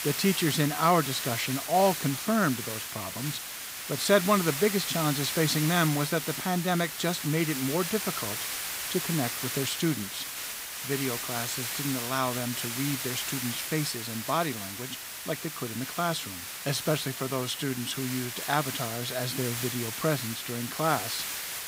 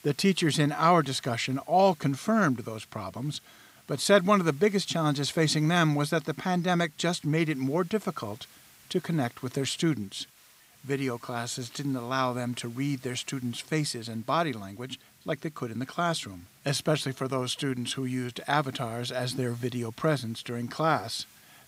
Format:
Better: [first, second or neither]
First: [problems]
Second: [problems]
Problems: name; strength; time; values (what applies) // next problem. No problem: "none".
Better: second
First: hiss; loud; throughout; 3 dB below the speech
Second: hiss; faint; throughout; 25 dB below the speech